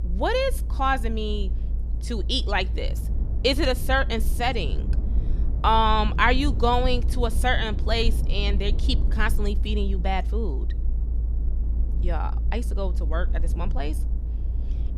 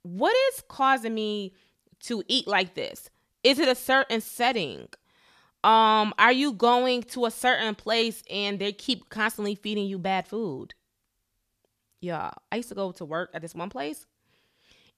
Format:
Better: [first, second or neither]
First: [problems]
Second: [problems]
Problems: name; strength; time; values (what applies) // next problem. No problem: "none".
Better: second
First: low rumble; noticeable; throughout; 20 dB below the speech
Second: none